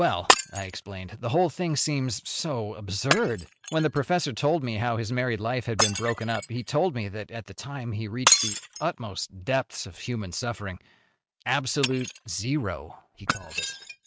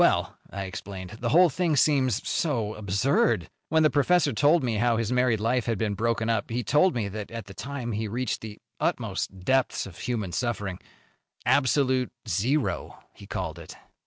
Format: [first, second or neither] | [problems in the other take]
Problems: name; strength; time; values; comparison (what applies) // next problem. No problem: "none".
second | noise reduction (neural mask model RNNoise)